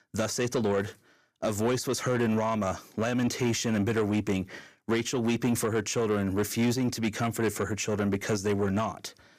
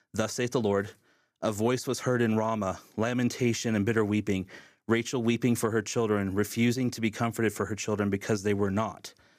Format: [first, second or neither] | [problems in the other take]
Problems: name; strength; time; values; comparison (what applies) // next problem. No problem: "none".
second | distortion; slight; 10 dB below the speech